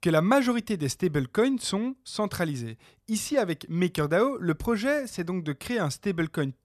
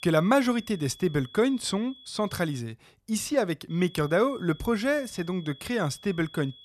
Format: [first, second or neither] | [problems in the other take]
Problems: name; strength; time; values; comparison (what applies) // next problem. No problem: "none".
first | high-pitched whine; faint; until 2.5 s and from 3.5 s on; 3.5 kHz, 20 dB below the speech